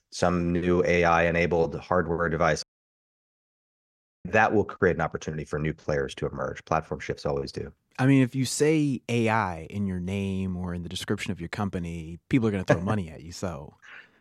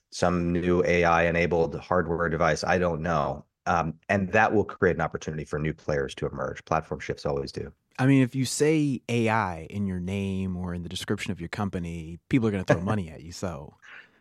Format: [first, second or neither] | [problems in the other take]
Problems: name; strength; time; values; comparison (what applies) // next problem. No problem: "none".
second | audio cutting out; at 2.5 s for 1.5 s